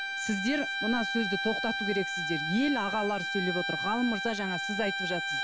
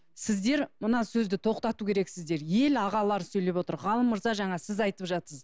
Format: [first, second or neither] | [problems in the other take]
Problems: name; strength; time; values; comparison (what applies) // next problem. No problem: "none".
second | background sound (Bowed string instrument); 2 dB below the speech